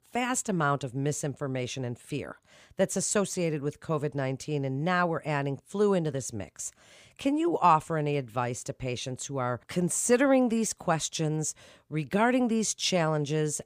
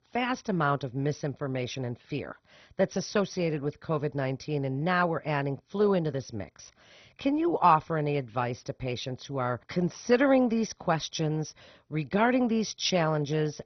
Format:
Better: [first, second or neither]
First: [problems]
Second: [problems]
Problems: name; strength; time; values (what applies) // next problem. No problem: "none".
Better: first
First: none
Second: garbled, watery; badly; nothing above 6 kHz